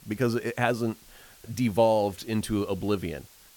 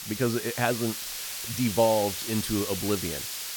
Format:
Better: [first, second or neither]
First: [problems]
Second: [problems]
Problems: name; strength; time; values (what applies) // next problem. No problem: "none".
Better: first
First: hiss; faint; throughout; 25 dB below the speech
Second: hiss; loud; throughout; 4 dB below the speech